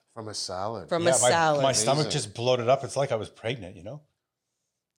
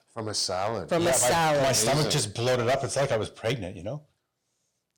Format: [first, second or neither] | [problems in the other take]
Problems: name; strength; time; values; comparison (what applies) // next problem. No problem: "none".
first | distortion; heavy; 16% of the sound clipped